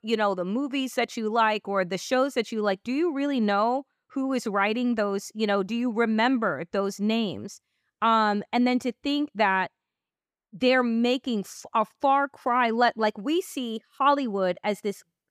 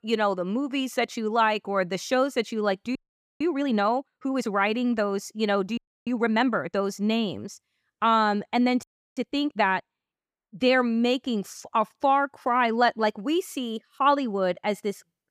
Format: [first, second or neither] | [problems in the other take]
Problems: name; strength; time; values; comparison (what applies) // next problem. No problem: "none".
first | audio freezing; at 3 s, at 6 s and at 9 s